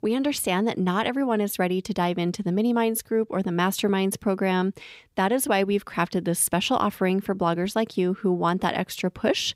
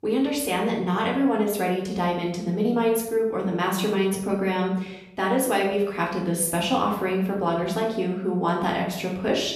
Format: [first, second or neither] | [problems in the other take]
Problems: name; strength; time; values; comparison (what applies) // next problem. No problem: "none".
first | room echo; noticeable; dies away in 0.7 s // off-mic speech; far